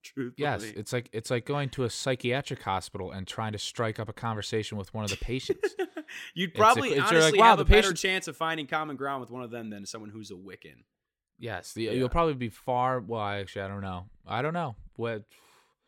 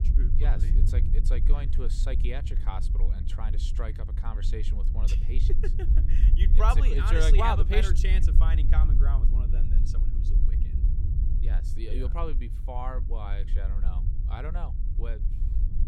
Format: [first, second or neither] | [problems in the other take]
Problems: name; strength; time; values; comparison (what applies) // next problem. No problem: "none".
first | low rumble; noticeable; throughout; 10 dB below the speech